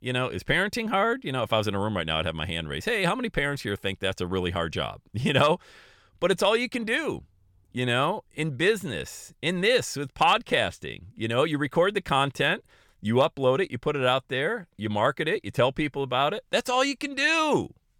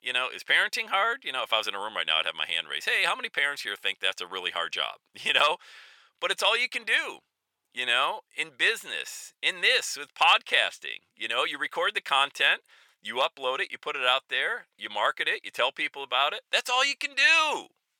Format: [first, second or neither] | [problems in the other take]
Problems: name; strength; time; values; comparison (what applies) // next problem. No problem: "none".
first | thin; very; fading below 800 Hz